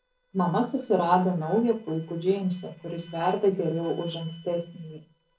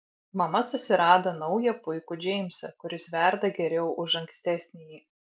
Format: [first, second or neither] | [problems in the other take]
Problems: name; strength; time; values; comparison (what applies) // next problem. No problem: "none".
second | noise reduction (neural separator model SepFormer DNS4)